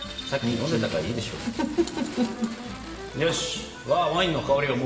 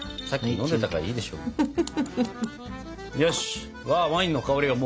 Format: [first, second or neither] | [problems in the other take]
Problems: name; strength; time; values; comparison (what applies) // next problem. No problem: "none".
second | background sound (Fire); 17 dB below the speech // room echo; dies away in 2 s